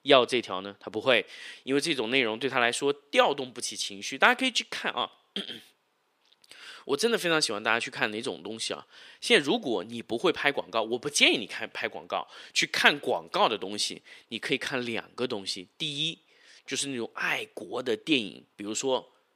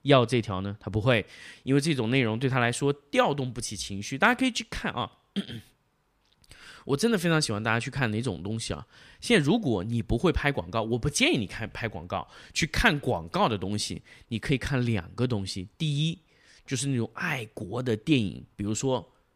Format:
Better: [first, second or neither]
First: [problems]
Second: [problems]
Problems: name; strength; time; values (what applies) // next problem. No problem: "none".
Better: second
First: thin; somewhat; fading below 400 Hz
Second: none